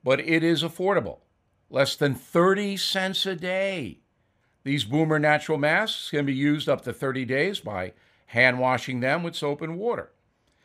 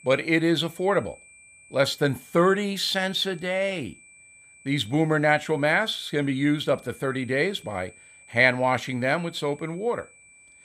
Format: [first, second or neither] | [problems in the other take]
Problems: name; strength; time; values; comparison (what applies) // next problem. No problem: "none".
first | high-pitched whine; faint; throughout; 2.5 kHz, 25 dB below the speech